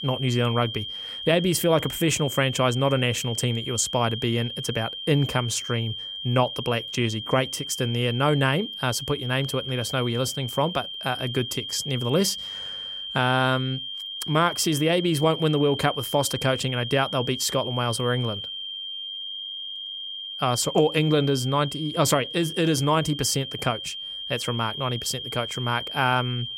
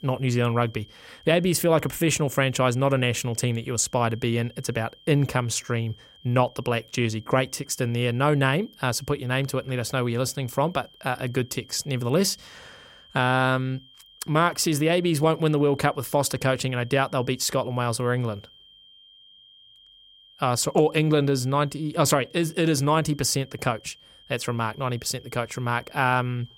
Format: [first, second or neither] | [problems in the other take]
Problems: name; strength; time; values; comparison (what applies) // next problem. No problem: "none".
second | high-pitched whine; loud; throughout; 3 kHz, 7 dB below the speech; faint in the second